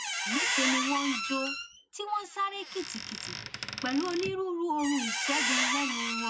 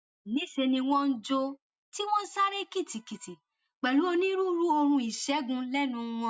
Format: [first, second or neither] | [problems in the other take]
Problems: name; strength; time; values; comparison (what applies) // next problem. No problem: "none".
second | background sound (Squeak); as loud as the speech